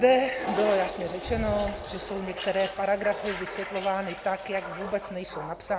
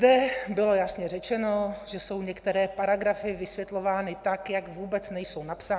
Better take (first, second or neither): second